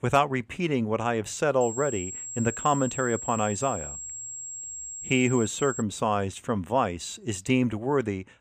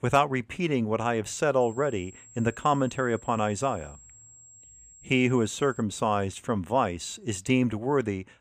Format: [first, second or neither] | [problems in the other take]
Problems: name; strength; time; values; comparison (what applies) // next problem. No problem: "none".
second | high-pitched whine; loud; from 1.5 to 6 s; 7.5 kHz, 8 dB below the speech; faint in the second